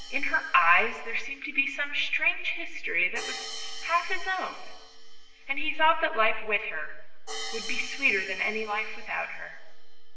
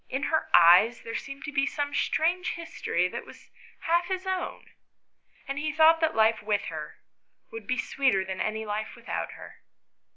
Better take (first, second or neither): second